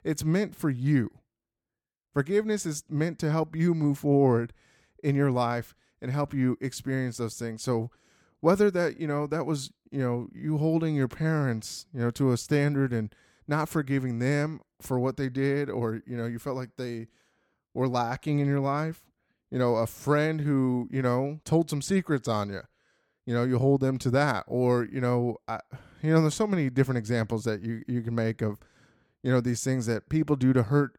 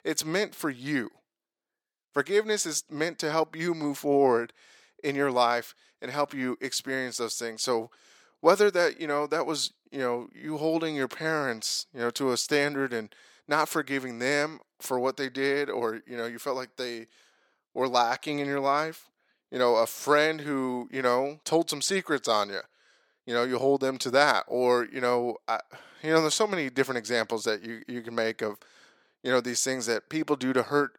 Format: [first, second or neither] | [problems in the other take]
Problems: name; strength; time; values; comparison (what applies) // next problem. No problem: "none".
first | thin; somewhat; fading below 450 Hz